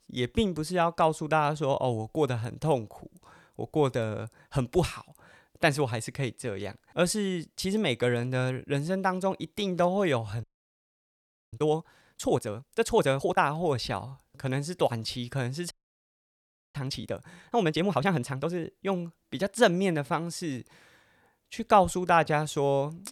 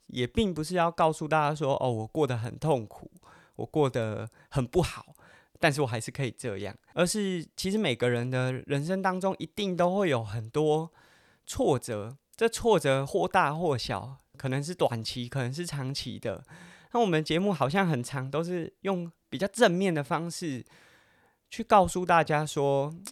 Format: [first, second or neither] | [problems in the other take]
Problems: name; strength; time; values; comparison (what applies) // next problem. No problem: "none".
second | audio freezing; at 10 s for 1 s and at 16 s for 1 s